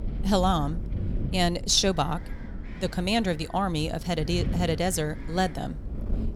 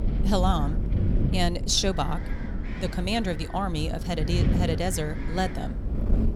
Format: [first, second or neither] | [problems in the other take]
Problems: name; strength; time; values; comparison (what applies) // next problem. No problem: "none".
first | wind noise on the microphone; heavy; 10 dB below the speech; occasional gusts in the first